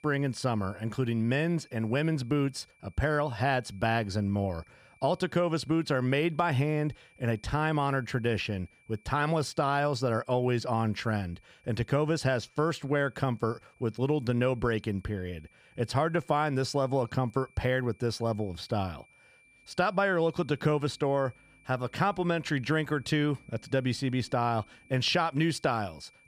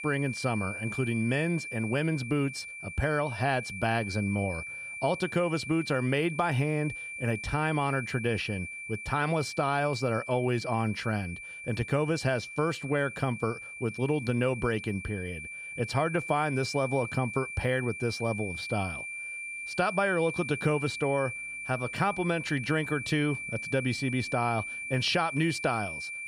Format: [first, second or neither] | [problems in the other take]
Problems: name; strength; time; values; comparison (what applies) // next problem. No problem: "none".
first | high-pitched whine; loud; throughout; 2.5 kHz, 7 dB below the speech; faint in the first